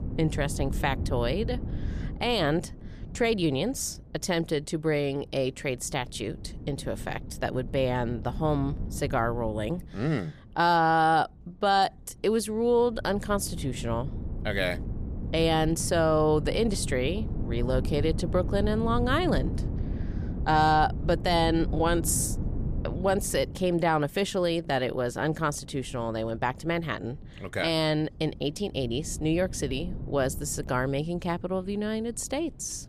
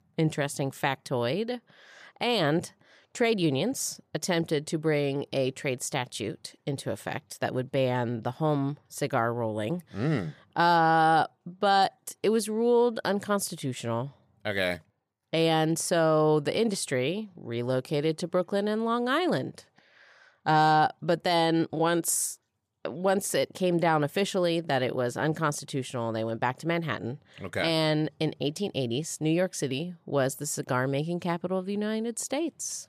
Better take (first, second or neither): second